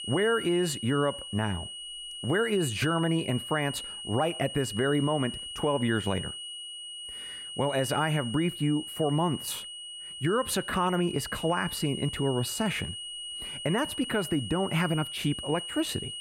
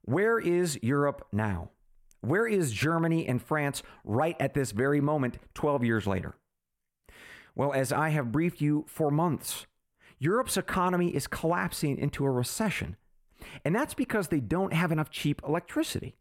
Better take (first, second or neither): second